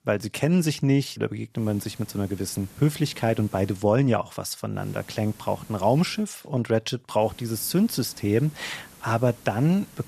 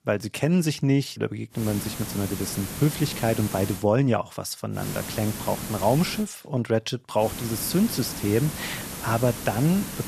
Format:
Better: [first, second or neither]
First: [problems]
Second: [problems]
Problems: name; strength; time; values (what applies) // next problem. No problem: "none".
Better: first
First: hiss; faint; from 1.5 to 4 s, from 5 to 6 s and from 7 s on; 20 dB below the speech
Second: hiss; loud; from 1.5 to 4 s, from 5 to 6 s and from 7 s on; 8 dB below the speech